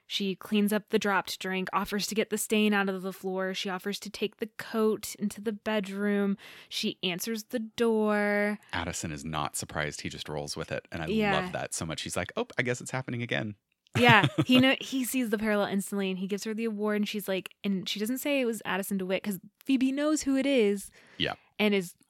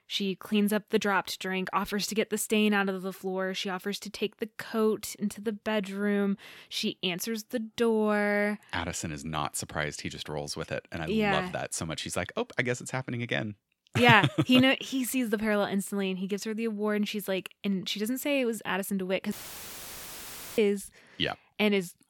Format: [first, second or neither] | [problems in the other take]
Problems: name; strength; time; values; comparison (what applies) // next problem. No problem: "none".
first | audio cutting out; filled with static; at 19 s for 1.5 s